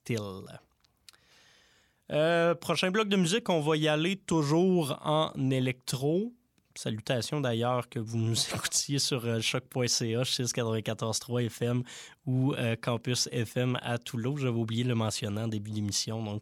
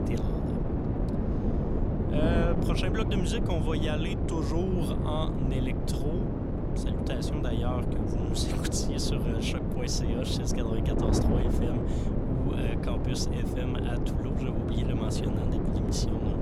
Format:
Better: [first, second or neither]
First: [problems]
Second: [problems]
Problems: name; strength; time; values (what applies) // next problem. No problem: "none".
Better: first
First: none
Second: wind noise on the microphone; heavy; 1 dB above the speech